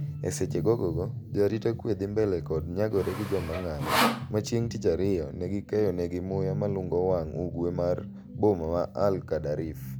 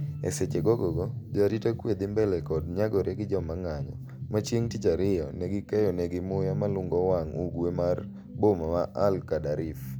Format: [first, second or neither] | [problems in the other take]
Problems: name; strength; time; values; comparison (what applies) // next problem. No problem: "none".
second | background sound (Sawing); 3 dB below the speech